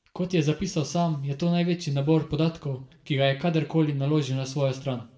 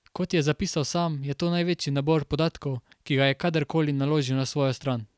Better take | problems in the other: second | room echo; dies away in 0.4 s

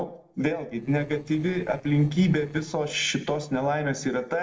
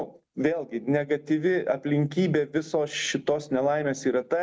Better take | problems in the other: second | noise reduction (neural separator model SepFormer DNS4)

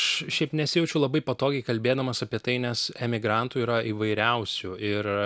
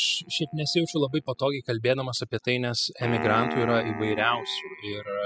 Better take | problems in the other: first | noise reduction (classical method spectral subtraction)

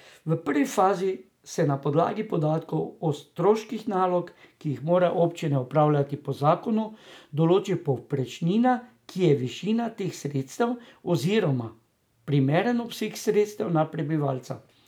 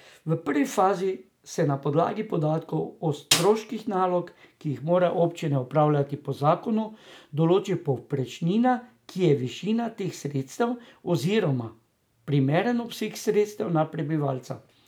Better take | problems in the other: first | background sound (Snare drum); 3 dB below the speech

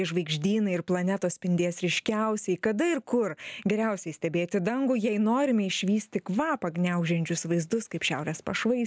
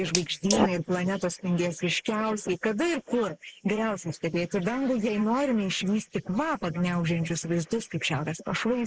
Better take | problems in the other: first | noise reduction (neural mask model Resemble Enhance denoiser)

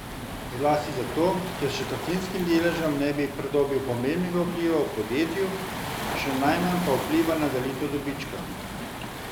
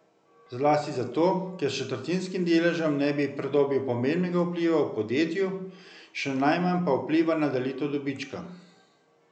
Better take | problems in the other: second | background sound (Waves, surf); 7 dB below the speech

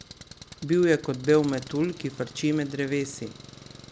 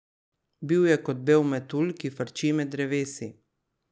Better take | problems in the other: second | background sound (Engine); 18 dB below the speech

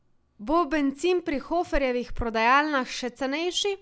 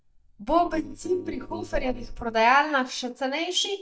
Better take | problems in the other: first | noise reduction (neural mask model DeepFilterNet 3)

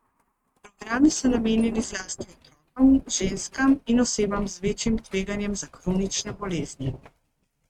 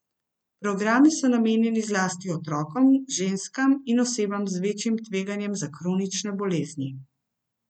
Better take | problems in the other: second | noise reduction (neural mask model RNNoise)

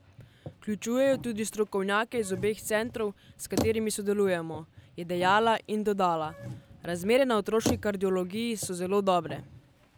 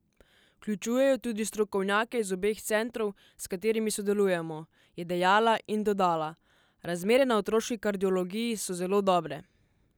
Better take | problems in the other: second | background sound (Bicycle); 12 dB below the speech

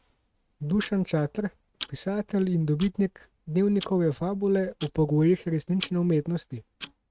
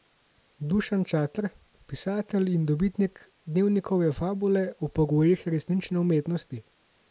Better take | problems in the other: second | noise reduction (neural mask model RNNoise)

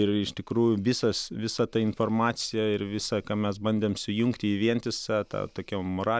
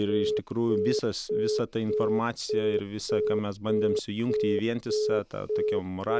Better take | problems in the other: first | background sound (Telephone); 1 dB above the speech

